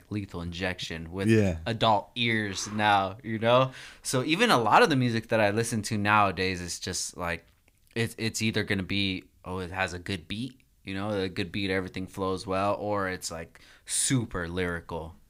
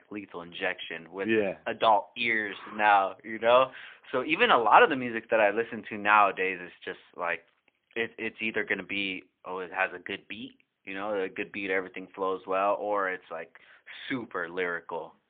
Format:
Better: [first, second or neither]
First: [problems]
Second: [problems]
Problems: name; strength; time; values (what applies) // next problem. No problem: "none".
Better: first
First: none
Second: phone-call audio; poor line